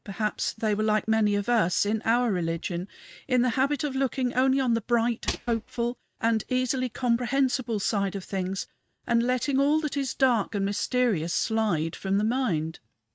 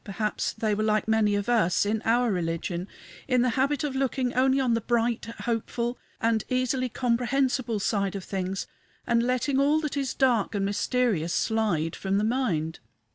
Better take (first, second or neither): second